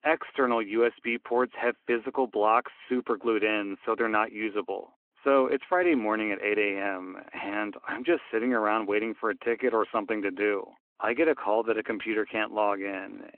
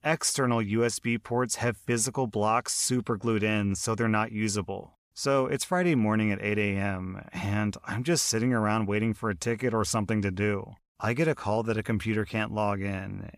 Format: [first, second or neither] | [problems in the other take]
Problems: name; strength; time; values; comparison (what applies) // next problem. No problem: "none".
second | phone-call audio